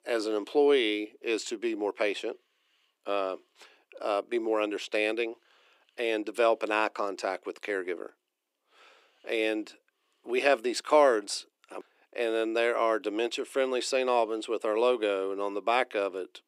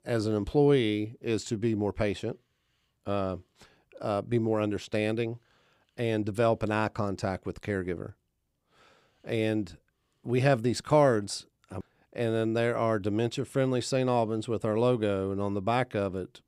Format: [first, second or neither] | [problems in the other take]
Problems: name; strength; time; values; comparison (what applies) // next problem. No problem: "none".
second | thin; somewhat; fading below 300 Hz